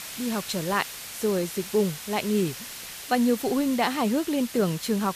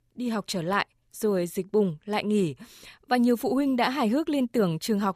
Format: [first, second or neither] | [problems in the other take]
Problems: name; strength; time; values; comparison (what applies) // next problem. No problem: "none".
second | hiss; noticeable; throughout; 10 dB below the speech